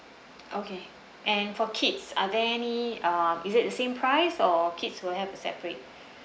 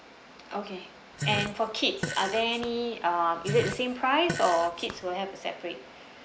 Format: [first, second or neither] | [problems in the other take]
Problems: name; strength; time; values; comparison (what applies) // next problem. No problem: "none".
first | background sound (Fart); 7 dB below the speech